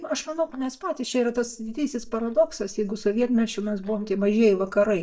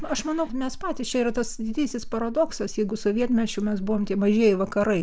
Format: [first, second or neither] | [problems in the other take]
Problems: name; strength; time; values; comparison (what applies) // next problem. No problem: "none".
second | noise reduction (neural mask model DeepFilterNet 3)